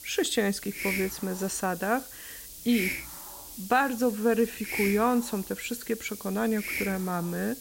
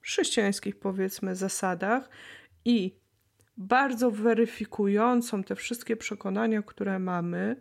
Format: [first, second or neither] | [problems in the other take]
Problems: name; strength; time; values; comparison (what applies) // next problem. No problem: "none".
second | hiss; loud; throughout; 7 dB below the speech